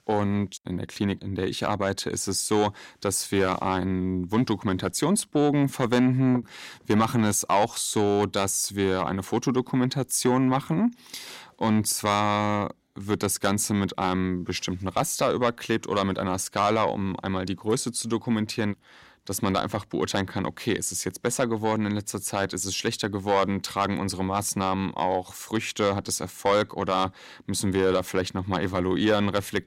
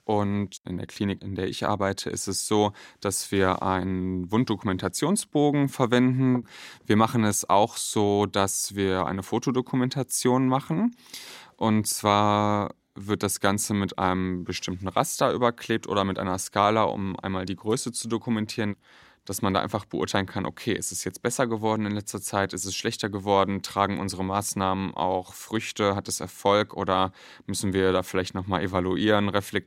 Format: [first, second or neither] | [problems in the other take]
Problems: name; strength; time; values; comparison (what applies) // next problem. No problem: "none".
second | distortion; slight; 10 dB below the speech